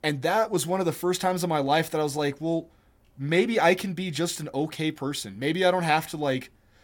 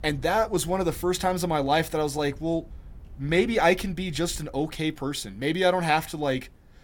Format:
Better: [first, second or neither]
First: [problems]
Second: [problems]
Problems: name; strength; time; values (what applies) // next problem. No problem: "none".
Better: first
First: none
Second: wind in the background; faint; throughout; 20 dB below the speech